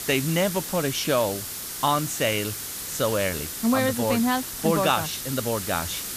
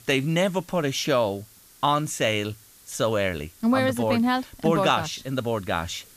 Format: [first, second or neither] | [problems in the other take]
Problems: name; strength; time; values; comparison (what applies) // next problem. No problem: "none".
second | hiss; loud; throughout; 6 dB below the speech; faint in the second